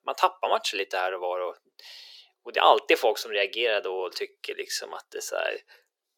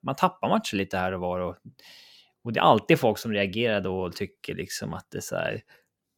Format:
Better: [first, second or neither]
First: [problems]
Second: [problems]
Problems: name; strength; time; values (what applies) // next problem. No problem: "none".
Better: second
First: thin; very; fading below 400 Hz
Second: none